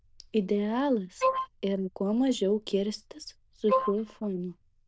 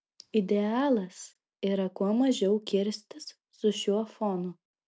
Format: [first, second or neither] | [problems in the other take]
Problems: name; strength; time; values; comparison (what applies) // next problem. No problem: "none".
second | noise reduction (neural diffusion model UNIVERSE++)